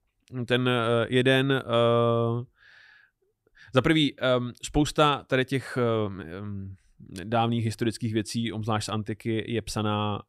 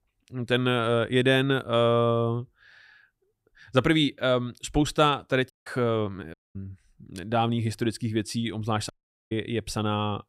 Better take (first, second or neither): first